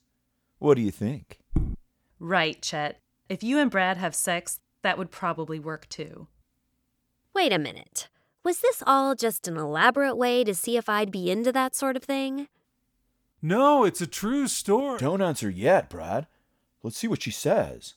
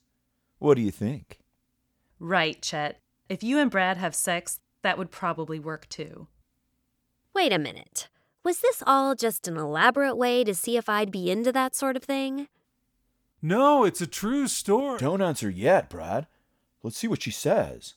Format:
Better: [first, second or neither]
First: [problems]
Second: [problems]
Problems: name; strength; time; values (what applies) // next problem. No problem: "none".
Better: second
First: footsteps; noticeable; at 1.5 s; peak 6 dB below the speech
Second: none